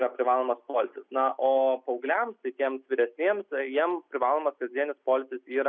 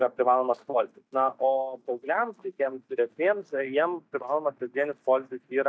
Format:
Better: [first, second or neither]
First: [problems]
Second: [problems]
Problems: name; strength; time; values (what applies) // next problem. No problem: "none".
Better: first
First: none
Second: noise reduction (neural mask model DeepFilterNet 3)